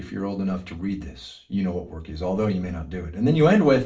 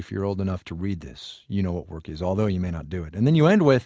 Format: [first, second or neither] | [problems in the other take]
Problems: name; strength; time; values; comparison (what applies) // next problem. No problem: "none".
second | room echo; dies away in 0.3 s